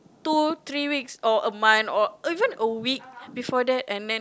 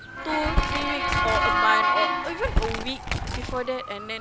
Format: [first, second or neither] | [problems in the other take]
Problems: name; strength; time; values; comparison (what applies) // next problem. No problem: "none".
first | background sound (Crumpling, crinkling + Motor vehicle (road) / Siren); 5 dB above the speech